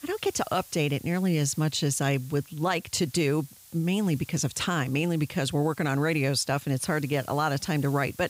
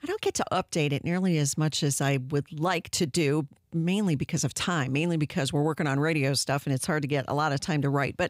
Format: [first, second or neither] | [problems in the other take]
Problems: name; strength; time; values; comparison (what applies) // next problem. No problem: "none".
second | hiss; faint; throughout; 20 dB below the speech